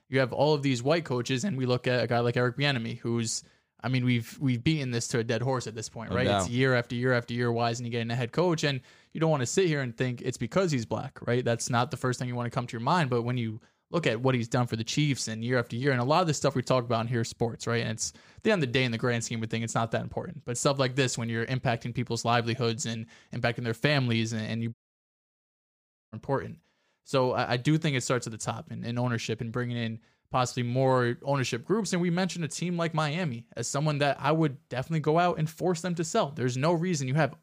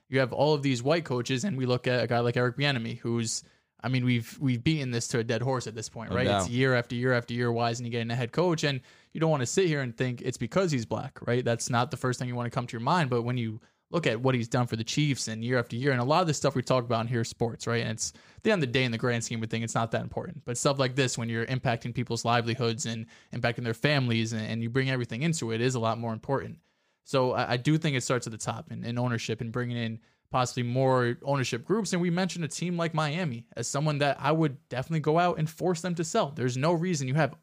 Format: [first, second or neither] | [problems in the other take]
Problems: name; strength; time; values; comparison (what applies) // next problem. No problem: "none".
second | audio cutting out; at 25 s for 1.5 s